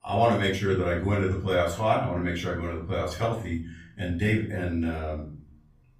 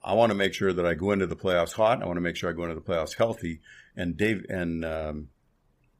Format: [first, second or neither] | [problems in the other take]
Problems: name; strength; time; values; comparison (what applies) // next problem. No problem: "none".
second | off-mic speech; far // room echo; slight; dies away in 0.5 s